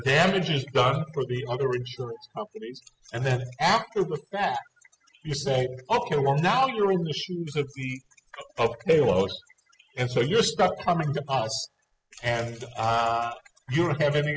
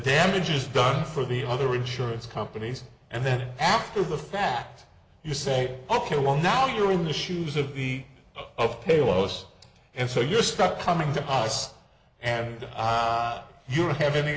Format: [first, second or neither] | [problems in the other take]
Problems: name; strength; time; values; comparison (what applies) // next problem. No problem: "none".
second | noise reduction (classical method spectral subtraction)